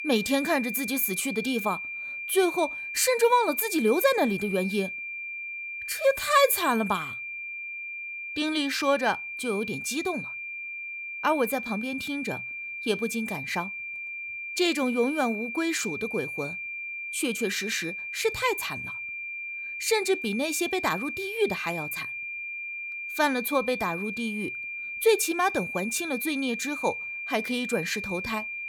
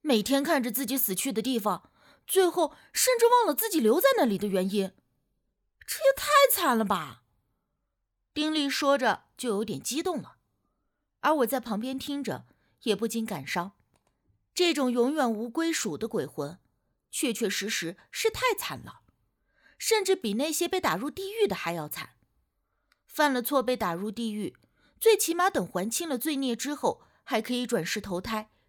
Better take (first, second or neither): second